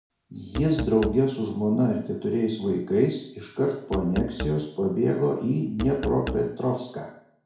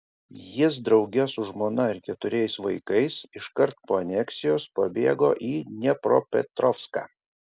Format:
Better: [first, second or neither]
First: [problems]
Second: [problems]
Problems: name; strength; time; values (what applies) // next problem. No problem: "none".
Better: second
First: background sound (Musical instrument); 10 dB below the speech // room echo; dies away in 0.5 s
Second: none